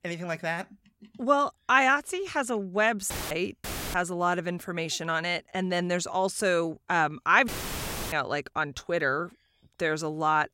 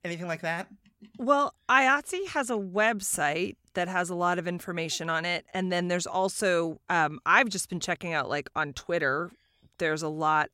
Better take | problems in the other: second | audio cutting out; filled with static; at 3 s, at 3.5 s and at 7.5 s for 0.5 s

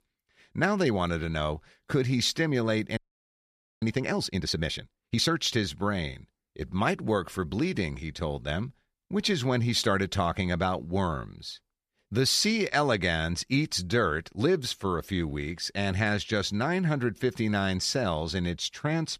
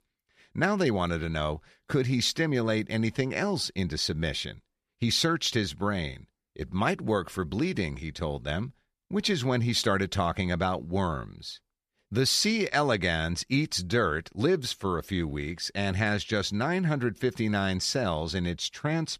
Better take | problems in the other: second | audio freezing; at 3 s for 1 s

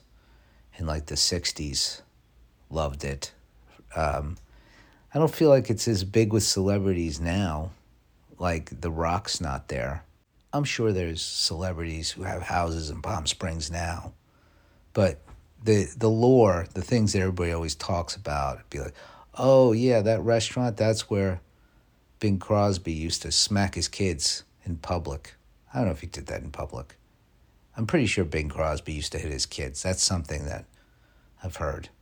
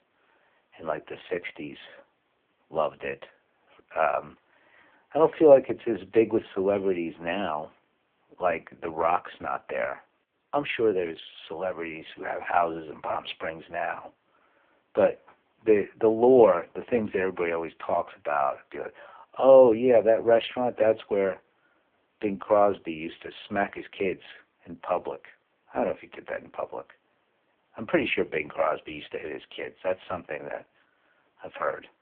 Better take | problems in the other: first | phone-call audio; poor line

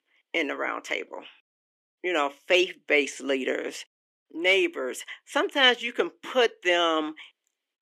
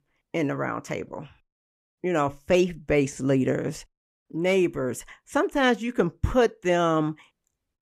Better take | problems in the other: second | thin; somewhat; fading below 300 Hz

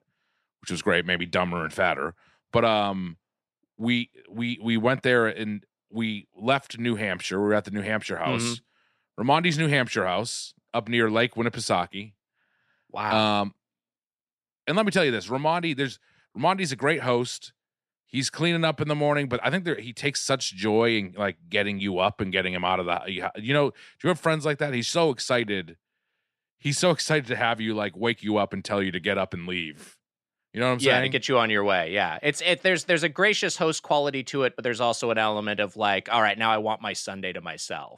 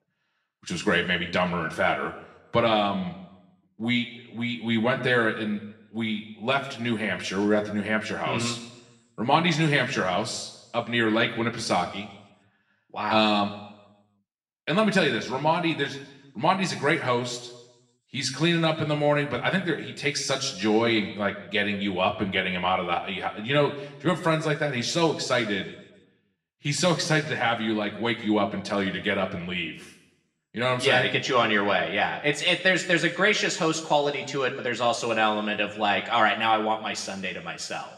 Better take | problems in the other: first | room echo; slight; dies away in 0.9 s // off-mic speech; somewhat distant

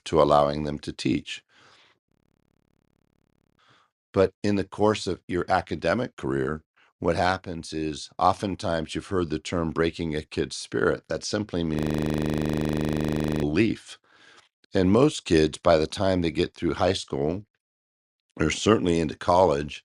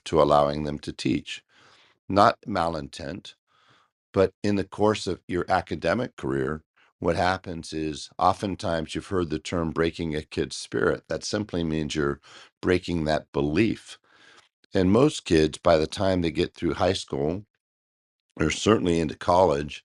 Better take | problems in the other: second | audio freezing; at 2 s for 1.5 s and at 12 s for 1.5 s

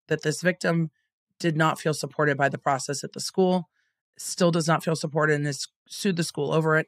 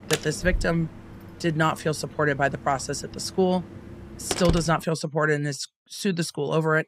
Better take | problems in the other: first | door banging; noticeable; until 4.5 s; peak 3 dB below the speech

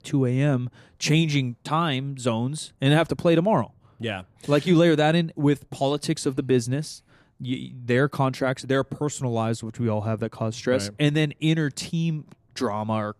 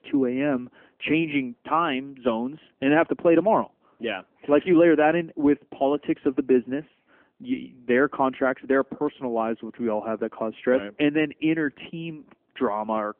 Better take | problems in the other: first | phone-call audio; nothing above 3 kHz

